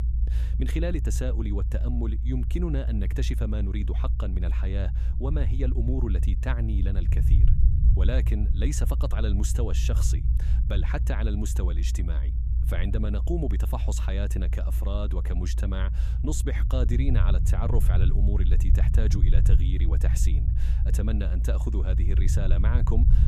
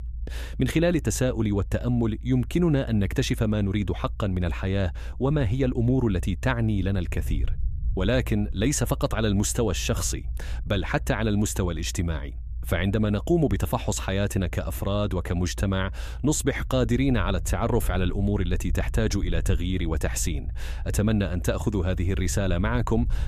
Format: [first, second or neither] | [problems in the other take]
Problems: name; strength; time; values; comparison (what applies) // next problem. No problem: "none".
second | low rumble; loud; throughout; 7 dB below the speech; faint in the second